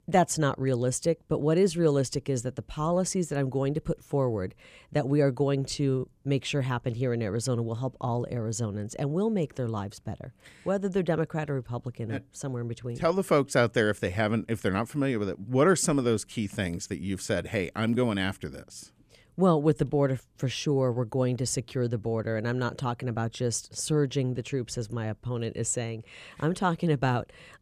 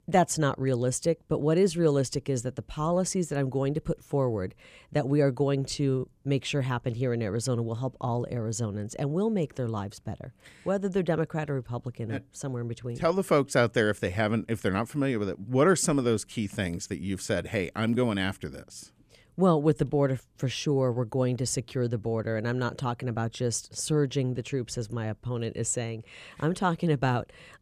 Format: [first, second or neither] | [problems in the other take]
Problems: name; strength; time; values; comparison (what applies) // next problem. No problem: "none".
neither | none